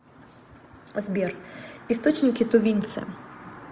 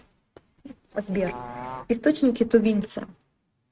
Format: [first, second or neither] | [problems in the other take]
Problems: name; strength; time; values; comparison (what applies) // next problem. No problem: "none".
first | noise reduction (neural mask model RNNoise)